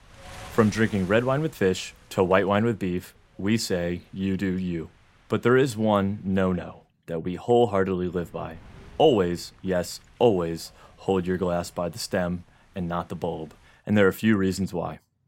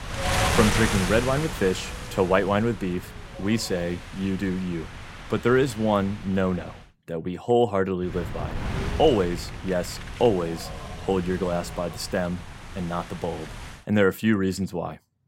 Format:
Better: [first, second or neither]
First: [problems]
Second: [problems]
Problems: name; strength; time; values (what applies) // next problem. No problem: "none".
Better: first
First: wind noise on the microphone; occasional gusts; until 7 s and from 8 to 14 s; 25 dB below the speech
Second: wind noise on the microphone; heavy; until 7 s and from 8 to 14 s; 7 dB below the speech